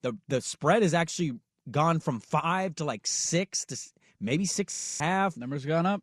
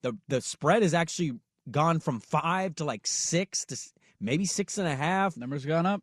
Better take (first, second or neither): second